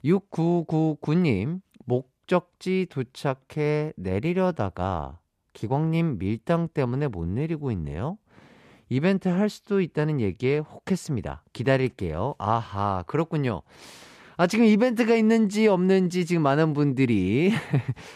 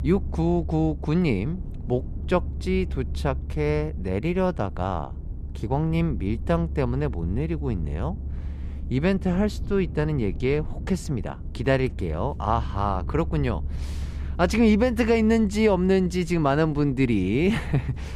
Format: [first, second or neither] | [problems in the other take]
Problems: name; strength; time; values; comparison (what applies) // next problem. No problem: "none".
first | low rumble; faint; throughout; 20 dB below the speech